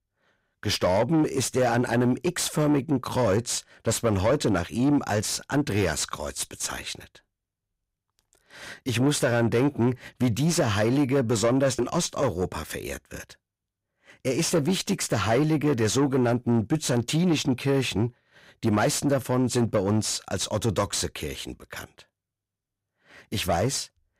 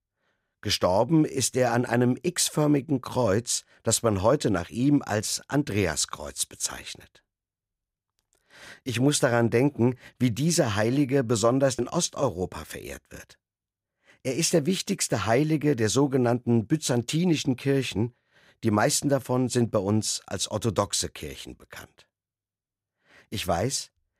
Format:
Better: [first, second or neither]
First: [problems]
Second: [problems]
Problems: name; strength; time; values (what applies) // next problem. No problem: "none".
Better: second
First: distortion; slight; 10 dB below the speech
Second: none